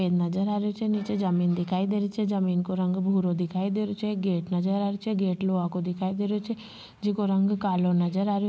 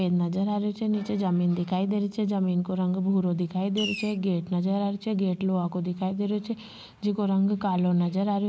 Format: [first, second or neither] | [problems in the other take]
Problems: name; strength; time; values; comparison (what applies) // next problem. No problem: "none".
first | background sound (Fireworks); 7 dB below the speech